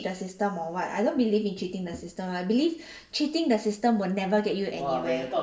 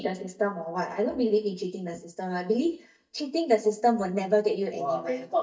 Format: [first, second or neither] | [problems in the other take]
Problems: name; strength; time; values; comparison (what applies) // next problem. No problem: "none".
first | noise reduction (neural mask model DeepFilterNet 3)